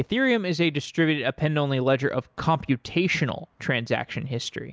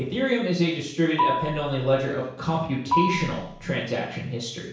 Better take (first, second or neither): first